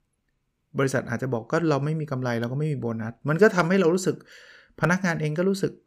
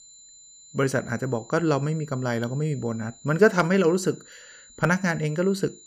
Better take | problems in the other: first | high-pitched whine; faint; throughout; 7 kHz, 25 dB below the speech

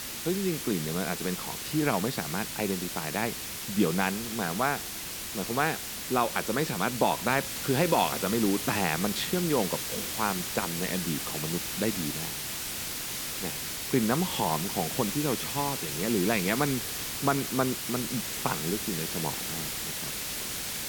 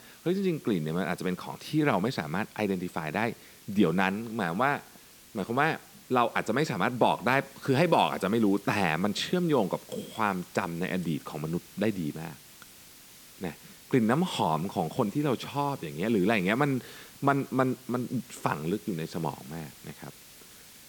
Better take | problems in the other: second | hiss; loud; throughout; 2 dB below the speech; faint in the second

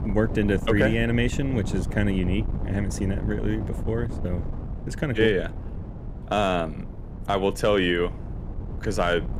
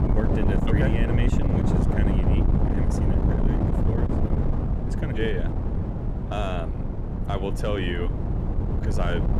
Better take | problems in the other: first | wind noise on the microphone; heavy; as loud as the speech; occasional gusts in the first

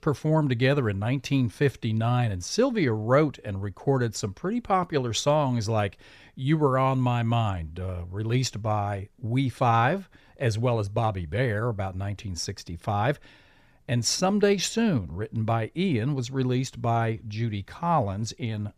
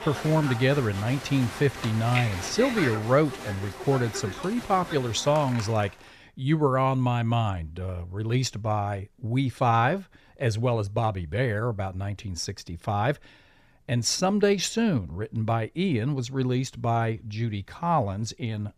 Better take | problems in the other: first | crowd noise; loud; until 5.5 s; 9 dB below the speech

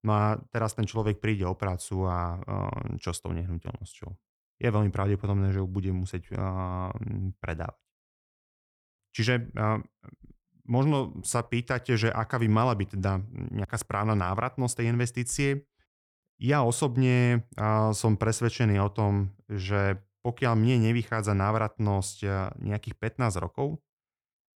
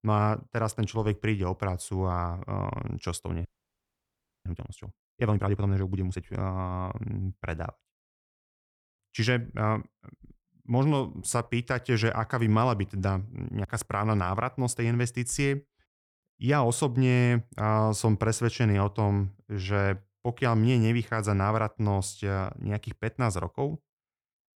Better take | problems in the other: first | audio freezing; at 3.5 s for 1 s

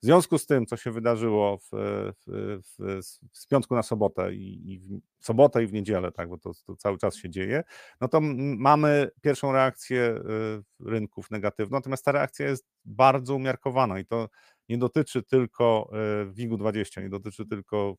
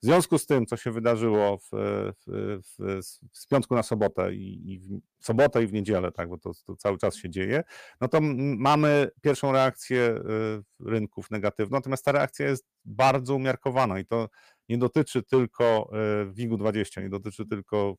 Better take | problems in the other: first | distortion; slight; 2% of the sound clipped

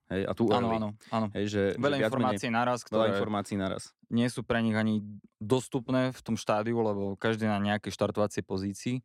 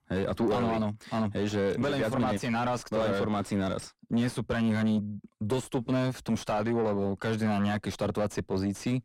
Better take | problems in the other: first | distortion; heavy; 7 dB below the speech

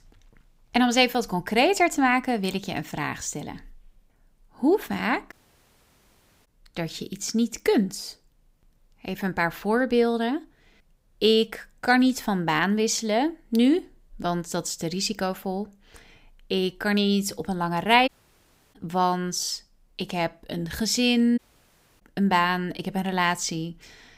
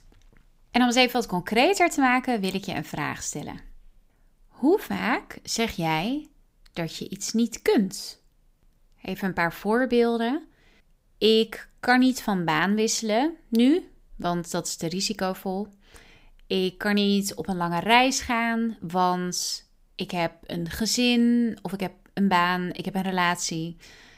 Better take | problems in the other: second | audio cutting out; at 5.5 s for 1 s, at 18 s for 0.5 s and at 21 s for 0.5 s

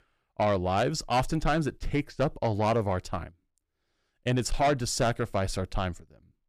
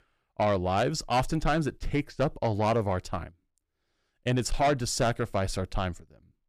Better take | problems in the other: neither | distortion; slight; 10 dB below the speech; the same in both

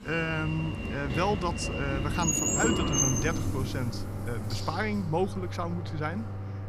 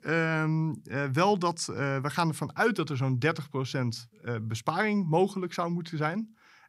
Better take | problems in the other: second | household noises; very loud; throughout; 1 dB above the speech

